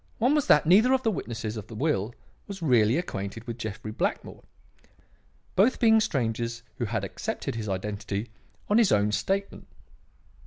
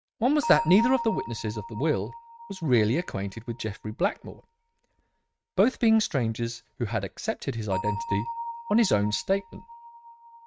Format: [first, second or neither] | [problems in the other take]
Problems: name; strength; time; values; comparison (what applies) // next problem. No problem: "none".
first | noise reduction (neural mask model RNNoise)